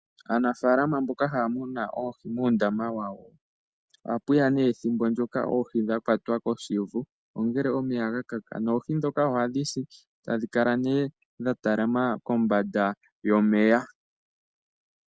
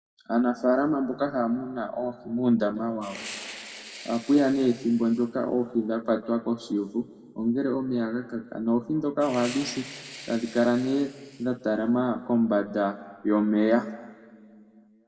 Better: first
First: none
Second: background sound (Fire); 17 dB below the speech // room echo; dies away in 1.2 s

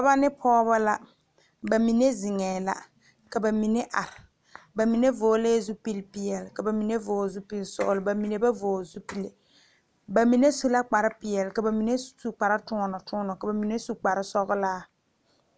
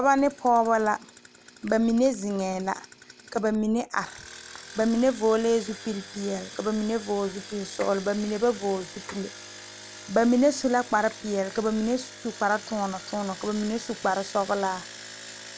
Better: first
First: none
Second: background sound (Engine); 17 dB below the speech

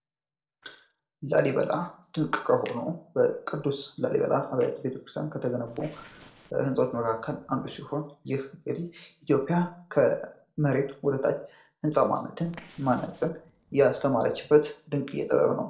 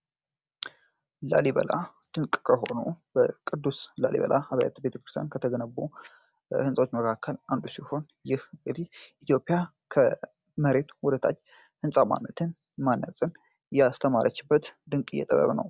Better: second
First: noise reduction (neural separator model SepFormer DNS4)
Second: none

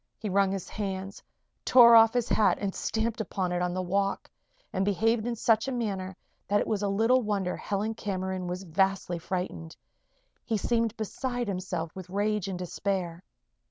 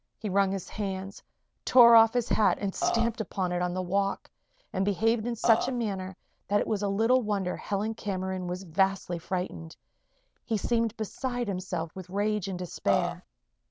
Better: first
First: none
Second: background sound (Burping, eructation); 2 dB below the speech

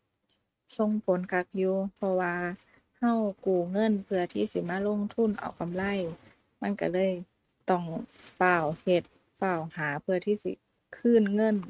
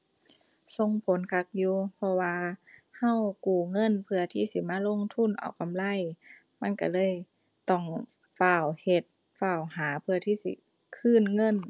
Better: second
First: noise reduction (neural mask model RNNoise)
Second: none

